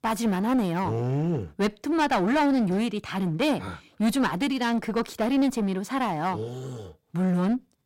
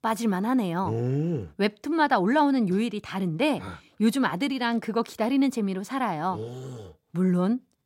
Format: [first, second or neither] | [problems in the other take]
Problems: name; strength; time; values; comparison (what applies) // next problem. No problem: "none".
second | distortion; slight; 13% of the sound clipped